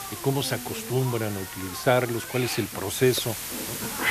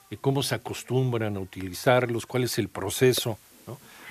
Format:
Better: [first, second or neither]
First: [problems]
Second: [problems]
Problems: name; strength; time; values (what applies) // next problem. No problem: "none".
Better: second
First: hiss; loud; throughout; 6 dB below the speech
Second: hiss; faint; throughout; 30 dB below the speech